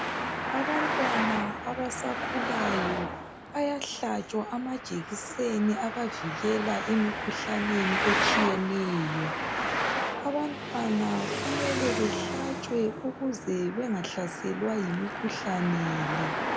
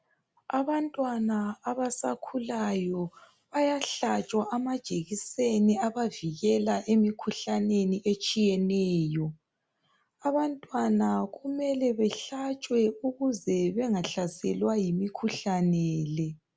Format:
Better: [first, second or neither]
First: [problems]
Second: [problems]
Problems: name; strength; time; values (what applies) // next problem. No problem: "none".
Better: second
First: background sound (Traffic noise, roadway noise); 1 dB below the speech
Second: none